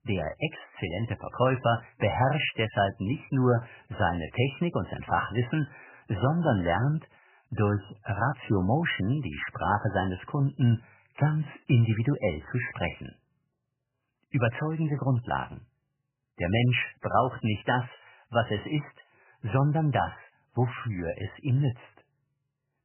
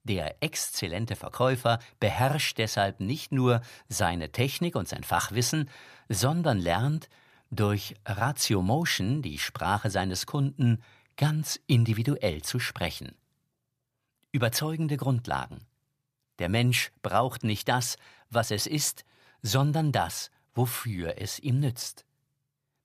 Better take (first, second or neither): second